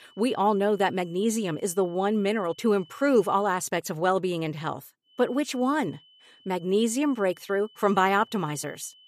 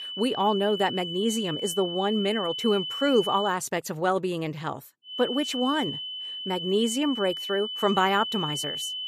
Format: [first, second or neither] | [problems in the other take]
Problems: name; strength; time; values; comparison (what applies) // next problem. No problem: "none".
first | high-pitched whine; loud; until 3.5 s and from 5 s on; 3 kHz, 5 dB below the speech; faint in the first